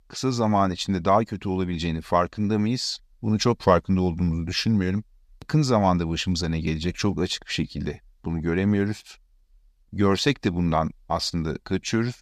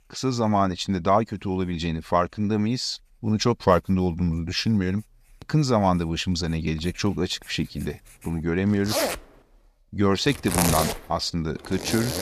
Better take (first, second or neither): first